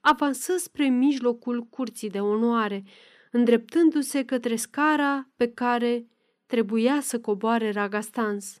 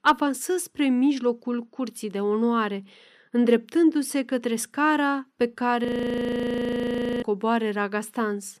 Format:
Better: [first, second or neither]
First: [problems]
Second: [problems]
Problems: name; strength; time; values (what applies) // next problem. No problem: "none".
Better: first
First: none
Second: audio freezing; at 6 s for 1.5 s